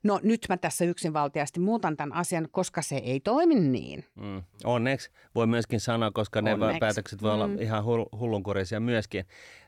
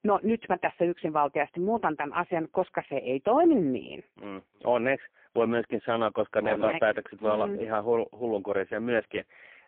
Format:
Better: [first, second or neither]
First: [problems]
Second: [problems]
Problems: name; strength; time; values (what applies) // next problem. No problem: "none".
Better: first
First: none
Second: phone-call audio; poor line